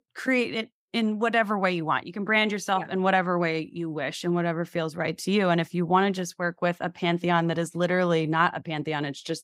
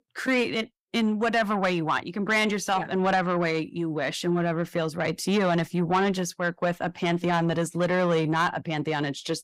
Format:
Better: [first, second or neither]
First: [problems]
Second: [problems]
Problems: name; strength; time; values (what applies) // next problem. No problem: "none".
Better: first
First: none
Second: distortion; slight; 10 dB below the speech